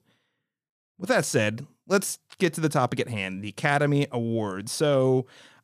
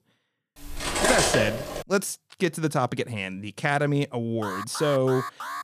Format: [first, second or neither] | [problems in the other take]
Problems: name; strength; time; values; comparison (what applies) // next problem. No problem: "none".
first | clattering dishes; loud; from 0.5 to 2 s; peak 5 dB above the speech // alarm; noticeable; from 4.5 s on; peak 7 dB below the speech